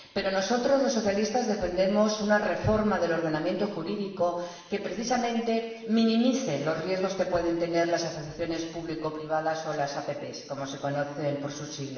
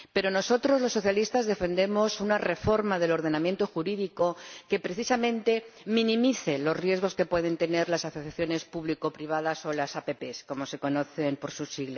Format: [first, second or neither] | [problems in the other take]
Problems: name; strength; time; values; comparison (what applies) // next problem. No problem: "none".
second | room echo; dies away in 1 s